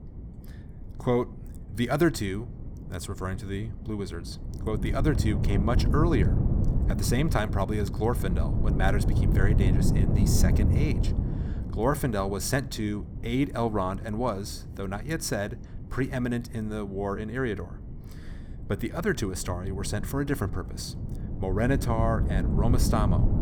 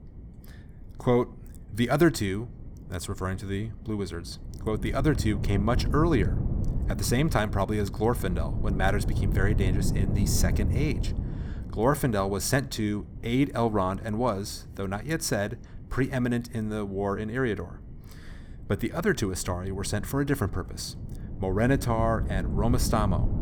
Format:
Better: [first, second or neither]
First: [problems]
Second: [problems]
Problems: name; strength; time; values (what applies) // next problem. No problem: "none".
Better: second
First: wind noise on the microphone; heavy; 7 dB below the speech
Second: wind noise on the microphone; occasional gusts; 15 dB below the speech